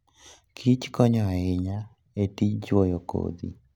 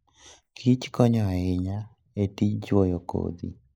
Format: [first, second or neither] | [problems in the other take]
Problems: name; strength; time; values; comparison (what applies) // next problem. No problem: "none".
first | noise reduction (neural mask model Resemble Enhance denoiser)